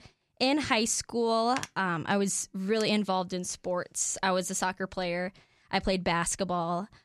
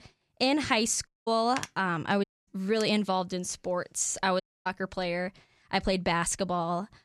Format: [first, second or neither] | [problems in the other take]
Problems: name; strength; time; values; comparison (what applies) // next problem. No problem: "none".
first | audio cutting out; at 1 s, at 2 s and at 4.5 s